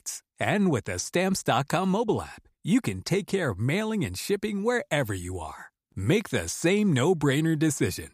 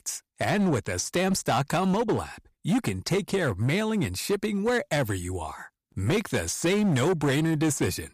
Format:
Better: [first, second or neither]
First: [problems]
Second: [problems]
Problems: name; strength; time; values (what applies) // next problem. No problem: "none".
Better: first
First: none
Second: distortion; slight; 12% of the sound clipped